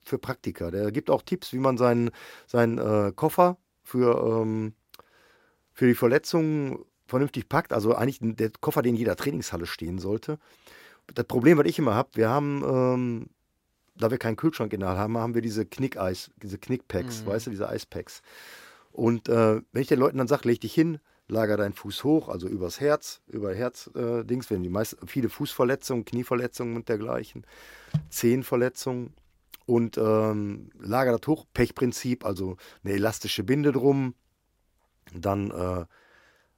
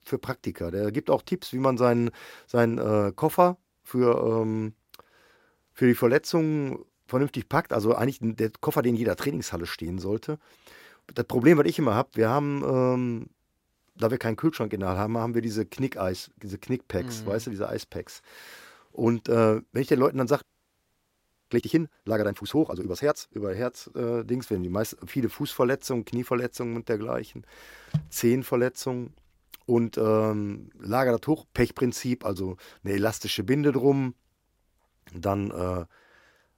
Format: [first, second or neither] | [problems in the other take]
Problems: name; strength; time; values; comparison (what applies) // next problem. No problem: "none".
first | audio freezing; at 20 s for 1 s